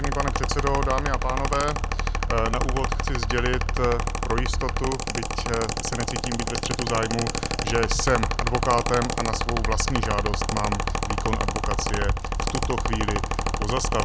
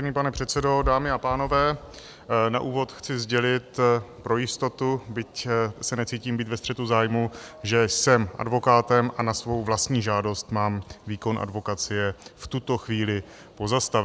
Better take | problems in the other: second | background sound (Mechanical fan); 3 dB above the speech

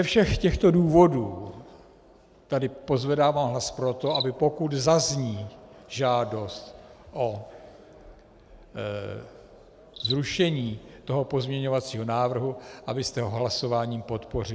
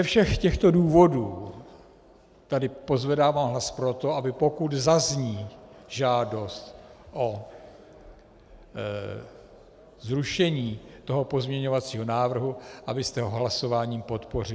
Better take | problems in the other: second | background sound (Cricket); 19 dB below the speech

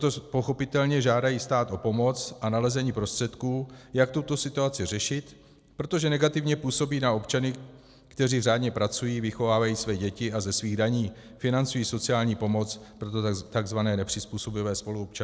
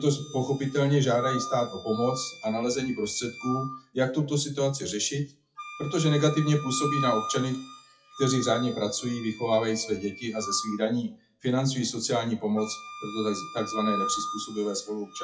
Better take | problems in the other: first | noise reduction (classical method WPE with log-MMSE)

